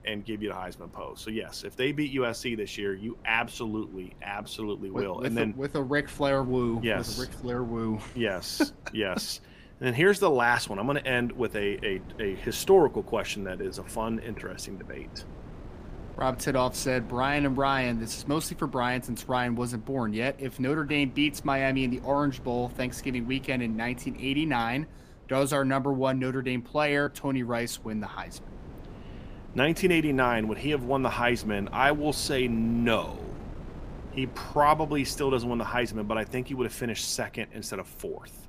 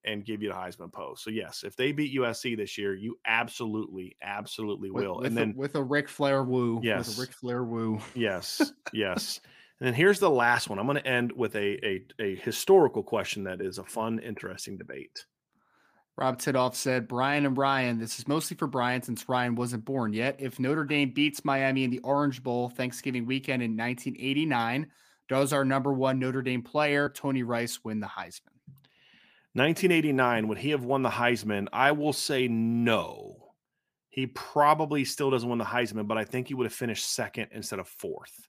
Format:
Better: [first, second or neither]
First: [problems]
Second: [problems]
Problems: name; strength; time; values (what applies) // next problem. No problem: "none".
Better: second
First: wind noise on the microphone; occasional gusts; 20 dB below the speech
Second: none